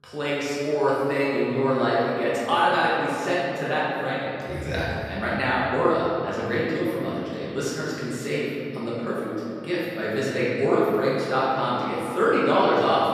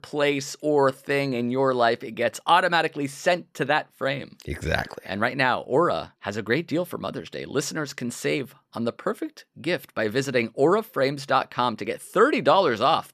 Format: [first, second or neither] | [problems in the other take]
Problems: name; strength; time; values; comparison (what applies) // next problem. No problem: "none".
second | room echo; strong; dies away in 2.7 s // off-mic speech; far